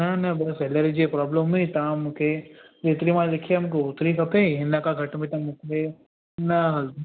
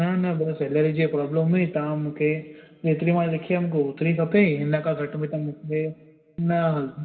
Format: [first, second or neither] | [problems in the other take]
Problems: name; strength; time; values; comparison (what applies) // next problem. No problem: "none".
first | room echo; dies away in 1.9 s